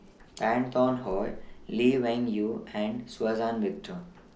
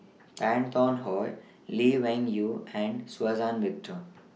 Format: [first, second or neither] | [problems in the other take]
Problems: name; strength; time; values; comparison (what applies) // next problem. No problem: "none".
second | background sound (Hands); 19 dB below the speech